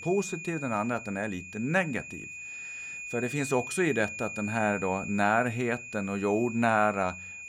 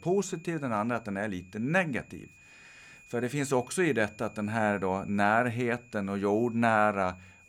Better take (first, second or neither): second